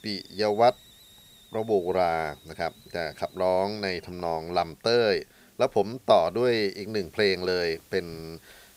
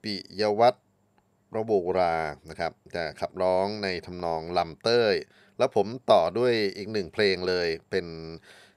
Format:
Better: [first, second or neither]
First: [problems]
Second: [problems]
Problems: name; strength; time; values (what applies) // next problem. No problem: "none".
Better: second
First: hiss; faint; throughout; 25 dB below the speech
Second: none